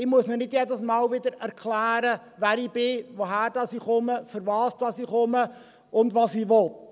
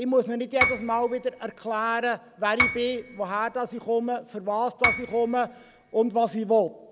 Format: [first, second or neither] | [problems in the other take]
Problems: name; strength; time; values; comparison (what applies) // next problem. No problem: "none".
first | background sound (Piano); 5 dB below the speech